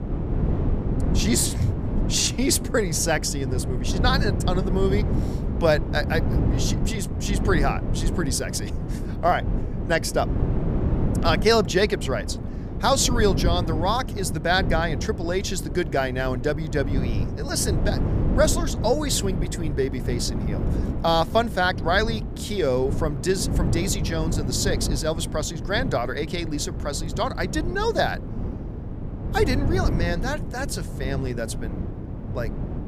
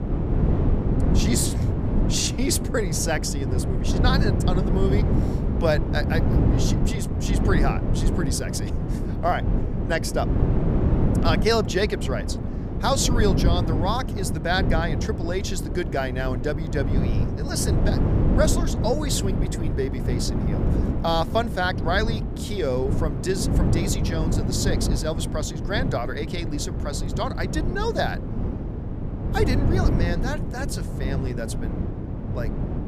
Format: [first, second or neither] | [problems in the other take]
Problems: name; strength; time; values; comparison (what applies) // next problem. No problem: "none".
first | wind noise on the microphone; heavy; 5 dB below the speech; occasional gusts in the first